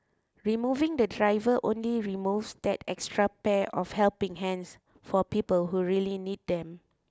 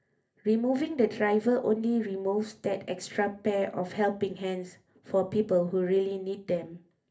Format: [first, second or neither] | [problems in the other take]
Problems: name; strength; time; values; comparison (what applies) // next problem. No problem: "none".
first | room echo; dies away in 0.3 s